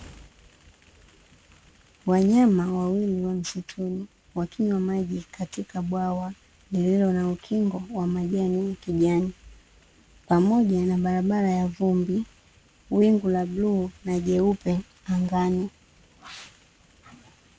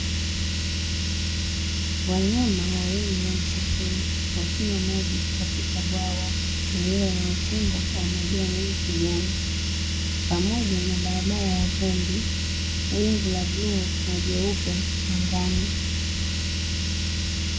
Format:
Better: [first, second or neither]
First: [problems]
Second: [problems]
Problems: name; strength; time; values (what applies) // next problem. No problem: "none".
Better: first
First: none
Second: background sound (Car); 4 dB above the speech // room echo; dies away in 0.4 s